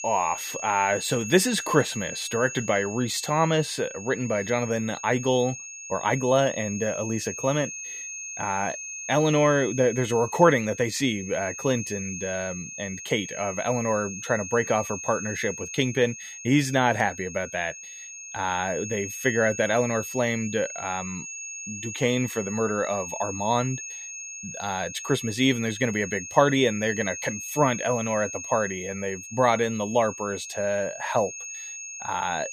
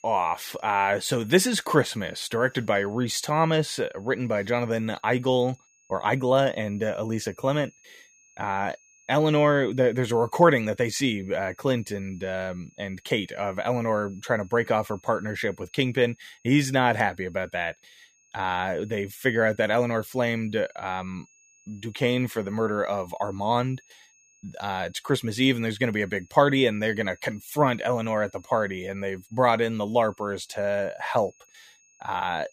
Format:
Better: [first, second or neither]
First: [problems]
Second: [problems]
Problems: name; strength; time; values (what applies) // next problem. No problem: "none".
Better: second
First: high-pitched whine; loud; throughout; 6.5 kHz, 9 dB below the speech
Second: high-pitched whine; faint; throughout; 6.5 kHz, 30 dB below the speech